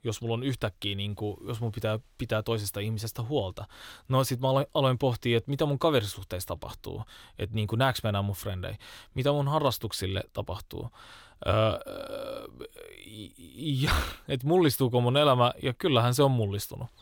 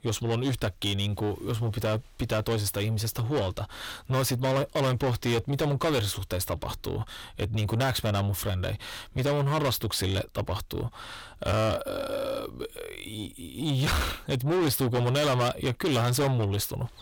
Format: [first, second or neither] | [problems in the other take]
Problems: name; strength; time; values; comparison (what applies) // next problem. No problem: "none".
first | distortion; heavy; 6 dB below the speech